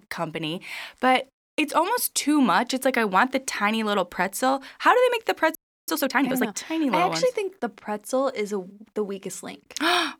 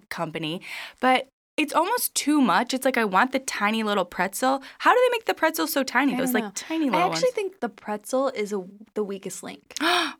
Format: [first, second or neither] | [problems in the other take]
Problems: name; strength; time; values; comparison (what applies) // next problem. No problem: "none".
second | audio freezing; at 5.5 s